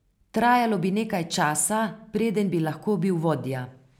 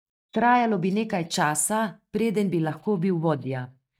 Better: first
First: none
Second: noise reduction (neural mask model DeepFilterNet 3)

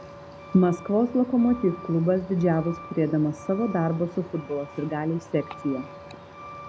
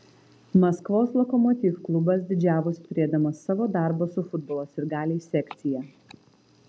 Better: second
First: background sound (Truck); 16 dB below the speech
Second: none

